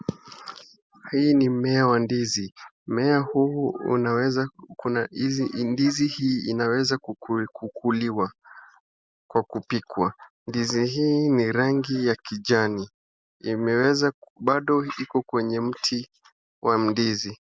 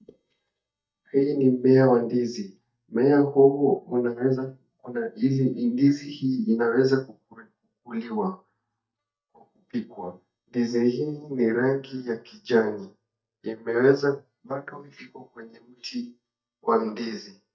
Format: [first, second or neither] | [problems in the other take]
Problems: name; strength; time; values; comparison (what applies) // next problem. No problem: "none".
first | noise reduction (neural mask model DeepFilterNet 3)